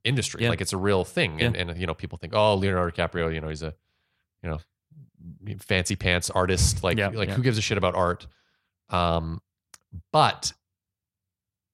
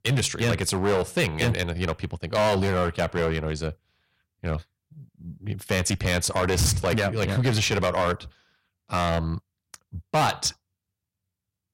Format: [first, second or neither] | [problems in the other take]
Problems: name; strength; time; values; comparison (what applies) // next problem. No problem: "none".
first | distortion; heavy; 8% of the sound clipped